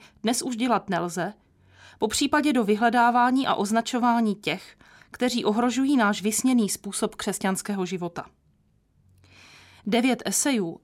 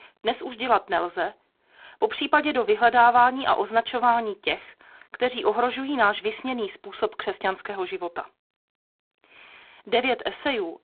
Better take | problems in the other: first | phone-call audio; poor line

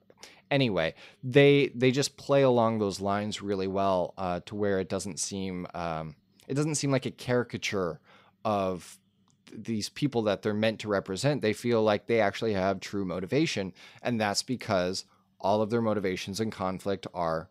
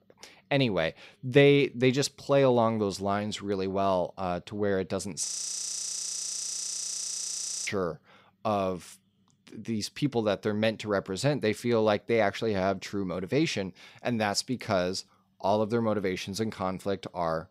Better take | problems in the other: first | audio freezing; at 5.5 s for 2.5 s

